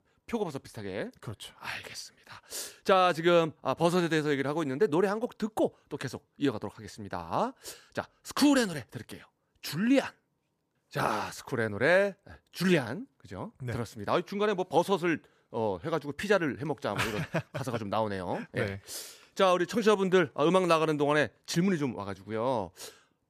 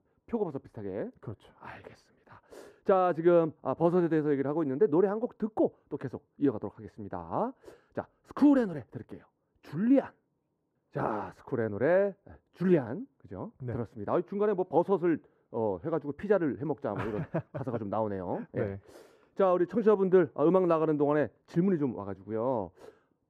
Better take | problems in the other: first | muffled; very; fading above 2 kHz

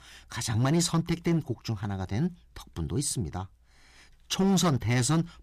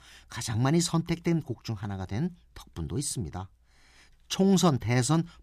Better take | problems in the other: second | distortion; slight; 5% of the sound clipped

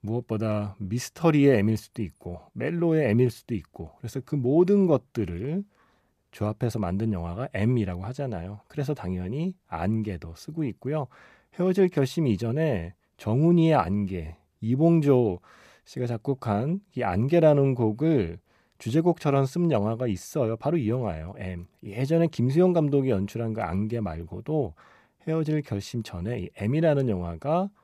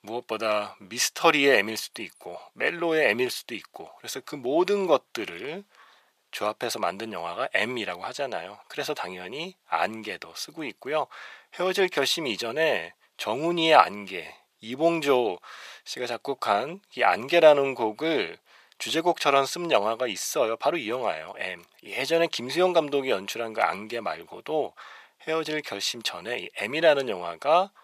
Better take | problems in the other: first | thin; very; fading below 750 Hz

